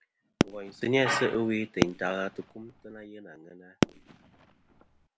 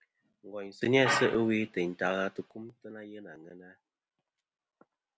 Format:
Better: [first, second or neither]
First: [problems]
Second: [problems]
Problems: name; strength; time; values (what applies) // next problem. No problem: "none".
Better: second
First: background sound (Fireworks); 1 dB below the speech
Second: none